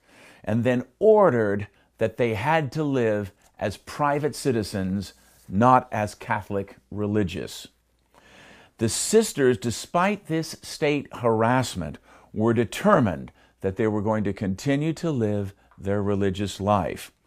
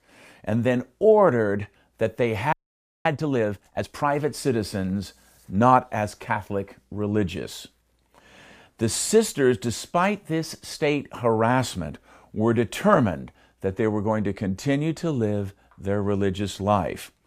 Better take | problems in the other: first | audio freezing; at 2.5 s for 0.5 s

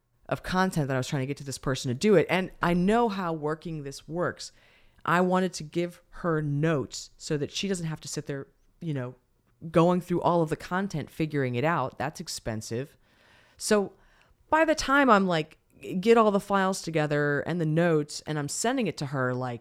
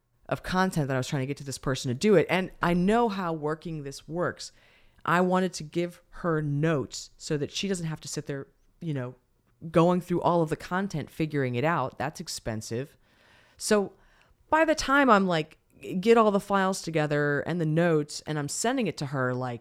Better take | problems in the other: neither | none

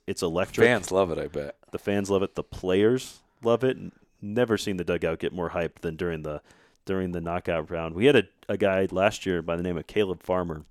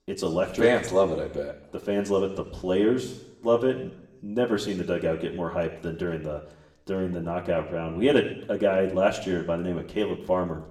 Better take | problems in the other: first | room echo; slight; dies away in 0.8 s // off-mic speech; somewhat distant

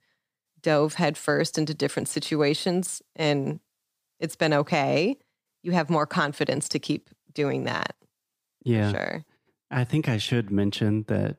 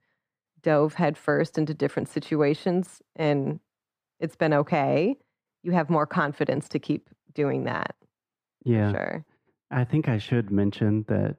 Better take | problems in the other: first | muffled; slightly; fading above 3 kHz

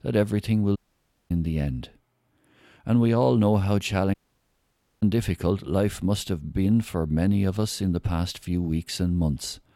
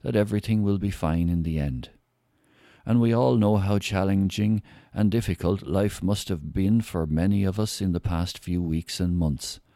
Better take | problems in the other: second | audio cutting out; at 1 s for 0.5 s and at 4 s for 1 s

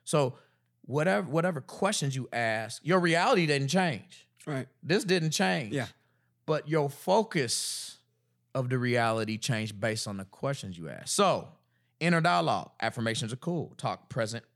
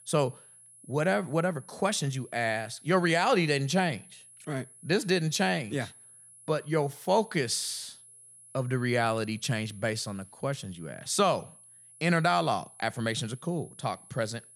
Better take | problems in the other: first | high-pitched whine; faint; throughout; 10.5 kHz, 20 dB below the speech

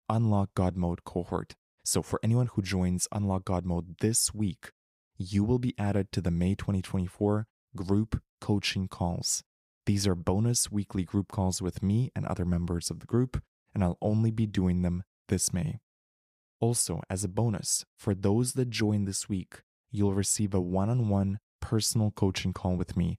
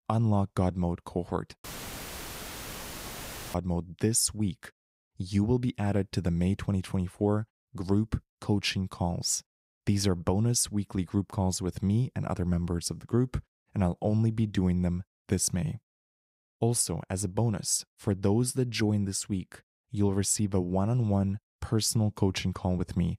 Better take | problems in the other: first | audio cutting out; filled with static; at 1.5 s for 2 s

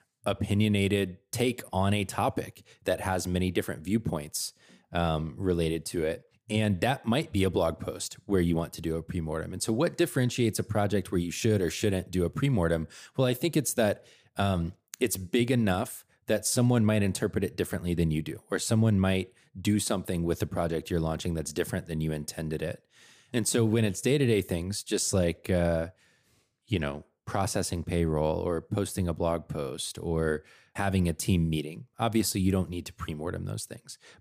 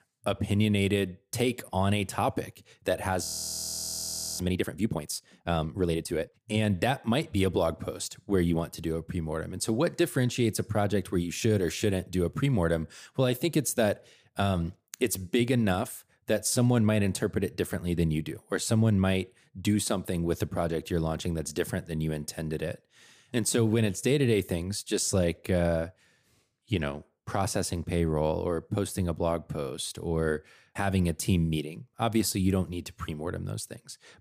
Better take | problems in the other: first | audio freezing; at 3 s for 1 s

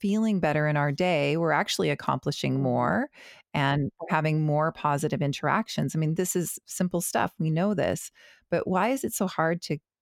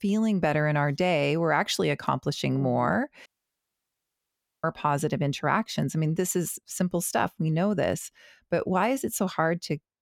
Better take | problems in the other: first | audio cutting out; at 3.5 s for 1.5 s

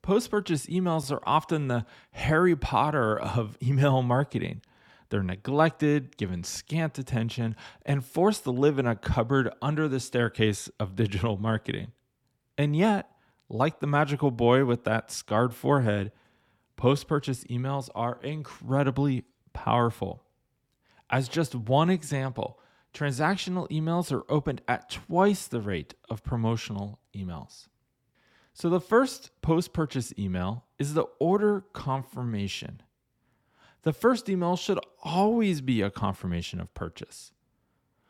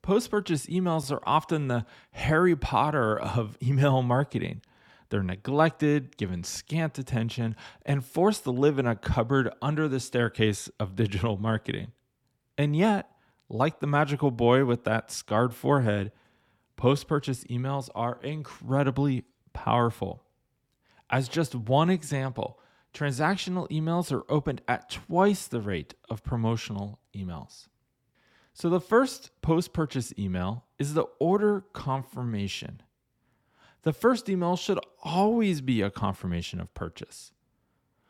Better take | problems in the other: neither | none

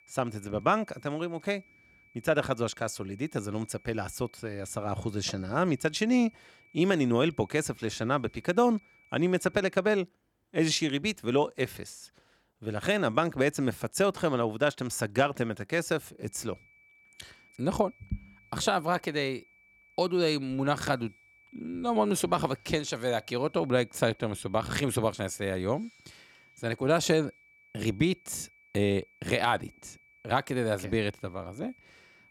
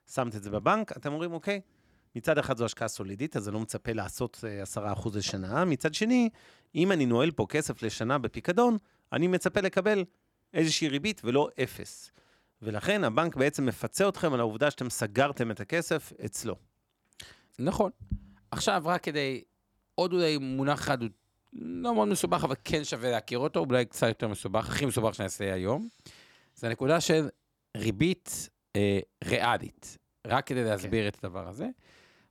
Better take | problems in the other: second | high-pitched whine; faint; until 9.5 s and from 16 s on; 2.5 kHz, 30 dB below the speech

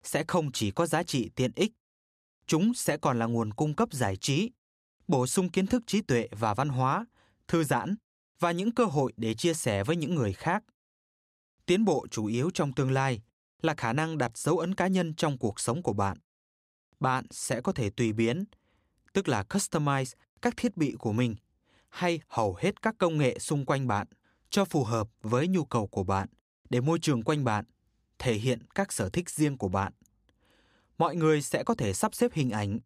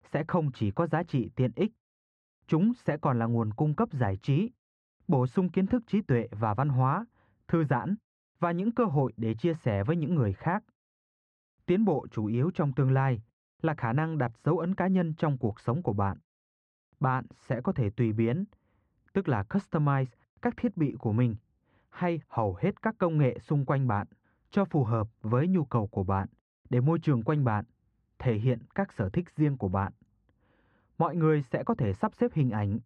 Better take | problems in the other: first | muffled; very; fading above 1.5 kHz

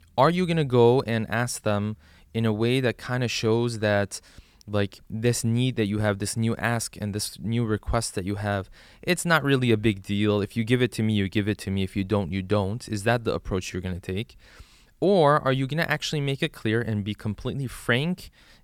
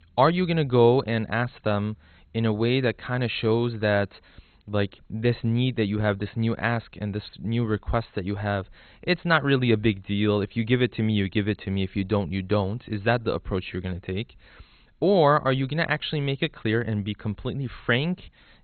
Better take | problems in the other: first | garbled, watery; badly; nothing above 4 kHz

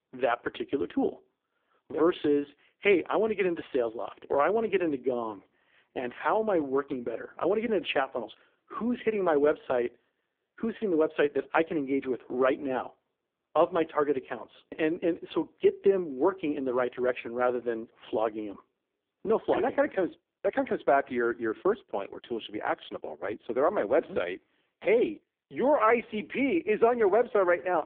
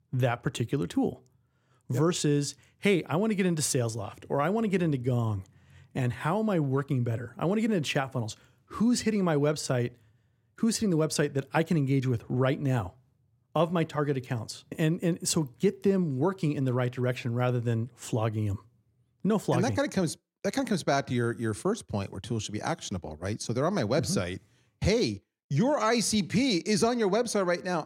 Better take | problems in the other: second | phone-call audio; poor line

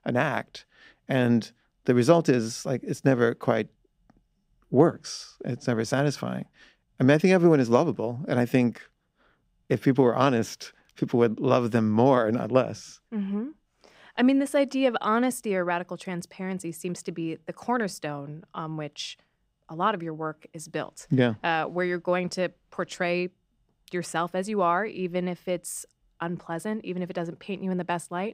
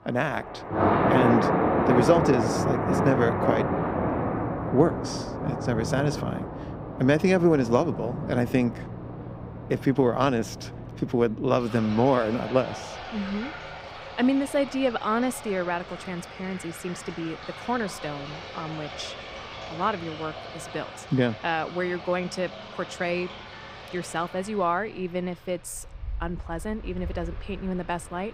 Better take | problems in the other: first | rain or running water; loud; throughout; 4 dB below the speech

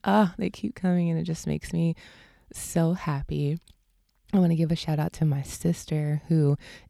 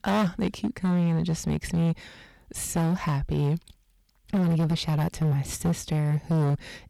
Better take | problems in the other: first | distortion; heavy; 17% of the sound clipped

